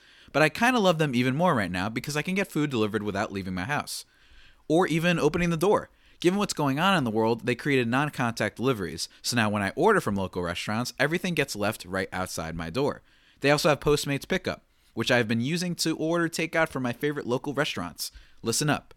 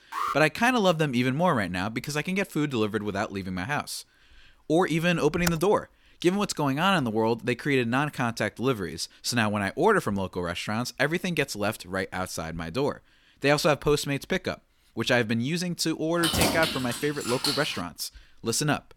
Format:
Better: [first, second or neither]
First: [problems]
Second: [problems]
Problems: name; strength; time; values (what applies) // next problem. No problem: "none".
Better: first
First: none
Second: alarm; noticeable; at the start; peak 4 dB below the speech // keyboard typing; very faint; at 5.5 s; peak 7 dB below the speech // jangling keys; loud; from 16 to 18 s; peak 2 dB above the speech